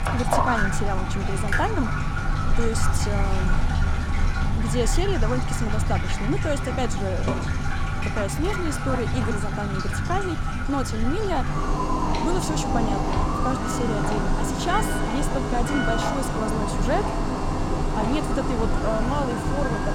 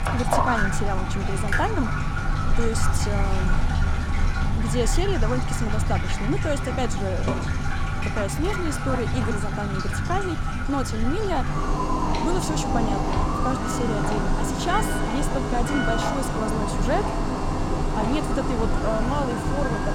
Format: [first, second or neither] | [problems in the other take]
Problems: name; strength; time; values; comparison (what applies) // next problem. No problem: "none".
neither | household noises; very loud; throughout; 3 dB above the speech; the same in both